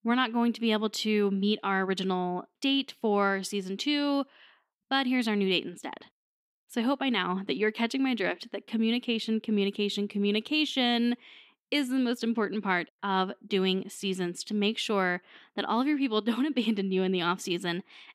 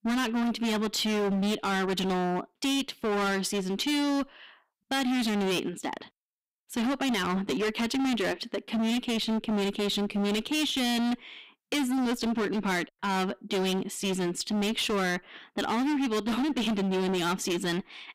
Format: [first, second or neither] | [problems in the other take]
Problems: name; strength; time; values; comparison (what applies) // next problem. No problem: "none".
first | distortion; heavy; 31% of the sound clipped